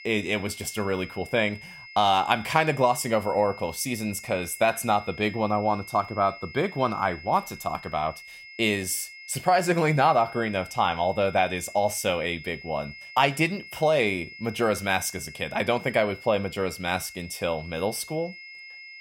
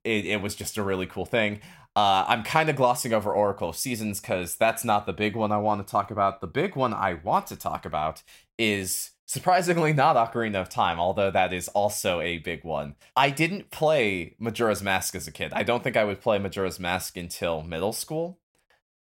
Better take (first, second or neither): second